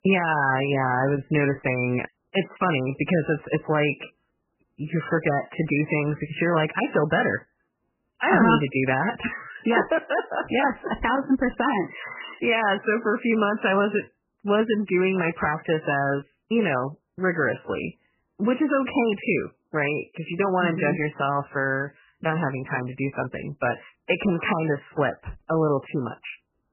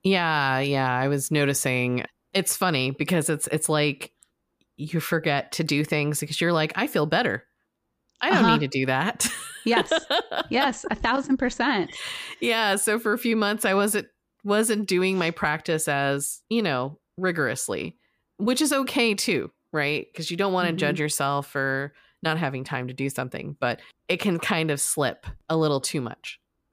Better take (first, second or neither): second